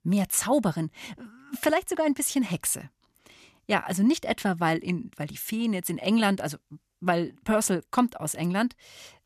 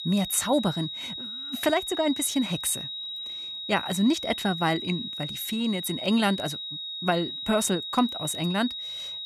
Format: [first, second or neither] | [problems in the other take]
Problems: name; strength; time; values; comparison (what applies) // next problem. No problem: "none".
first | high-pitched whine; loud; throughout; 4 kHz, 6 dB below the speech